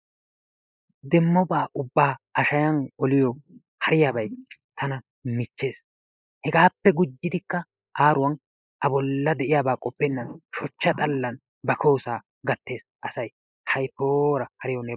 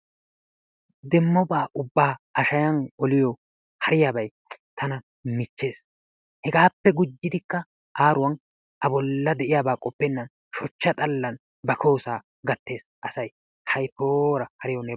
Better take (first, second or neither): second